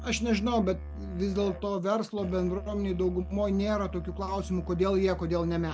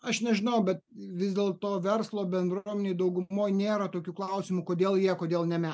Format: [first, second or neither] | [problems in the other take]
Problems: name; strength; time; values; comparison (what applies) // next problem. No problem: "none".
second | background sound (Musical instrument); 10 dB below the speech